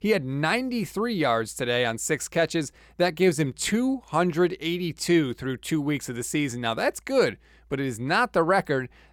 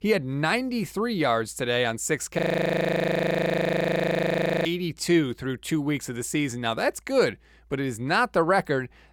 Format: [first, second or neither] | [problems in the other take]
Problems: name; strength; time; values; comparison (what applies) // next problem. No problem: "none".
first | audio freezing; at 2.5 s for 2.5 s